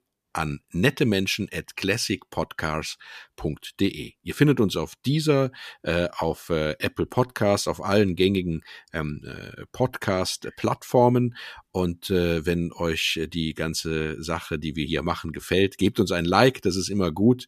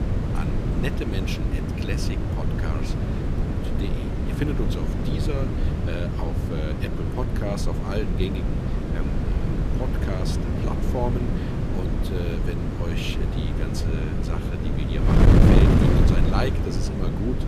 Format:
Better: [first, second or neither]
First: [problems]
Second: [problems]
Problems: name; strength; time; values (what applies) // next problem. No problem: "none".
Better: first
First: none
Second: wind noise on the microphone; heavy; 2 dB above the speech